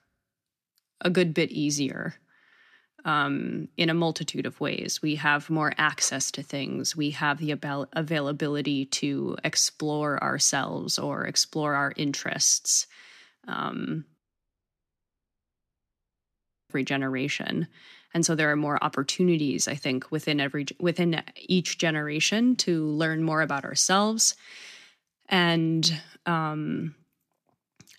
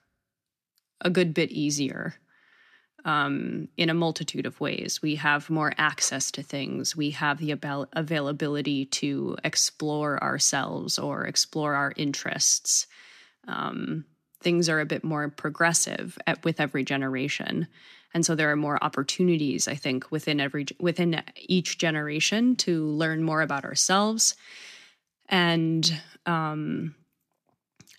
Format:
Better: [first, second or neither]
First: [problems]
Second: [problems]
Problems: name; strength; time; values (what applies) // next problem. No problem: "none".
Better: second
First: audio cutting out; at 14 s for 2.5 s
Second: none